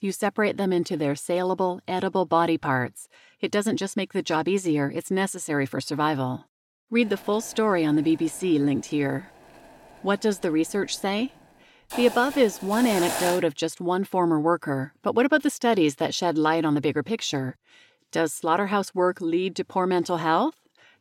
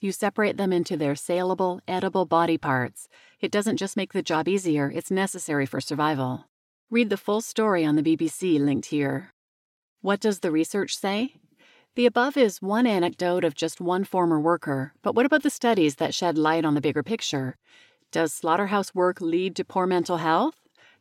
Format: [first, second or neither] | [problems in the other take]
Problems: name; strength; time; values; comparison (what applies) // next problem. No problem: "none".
second | hiss; loud; from 7 to 13 s; 9 dB below the speech